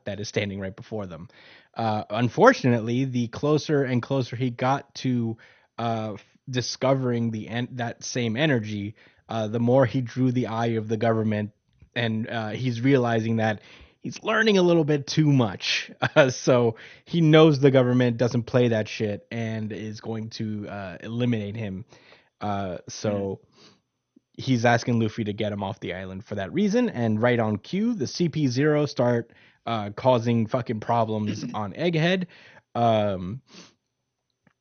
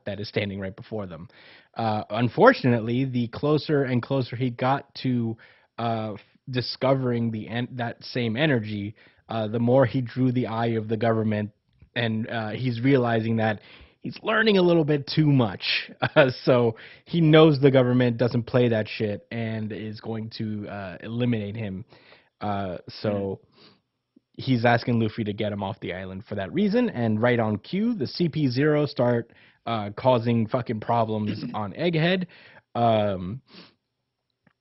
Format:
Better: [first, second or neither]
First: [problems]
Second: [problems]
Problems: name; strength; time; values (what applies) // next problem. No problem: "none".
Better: first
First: garbled, watery; slightly; nothing above 6.5 kHz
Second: garbled, watery; badly; nothing above 5.5 kHz